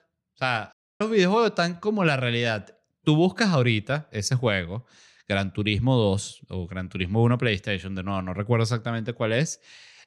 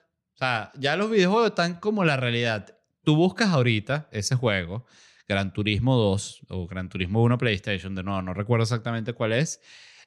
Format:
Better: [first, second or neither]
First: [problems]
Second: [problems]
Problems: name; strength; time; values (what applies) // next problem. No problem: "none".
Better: second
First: audio cutting out; at 0.5 s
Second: none